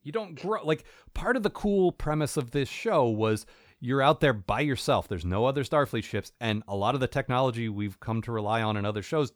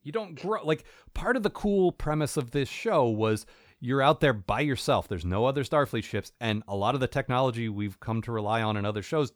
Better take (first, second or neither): neither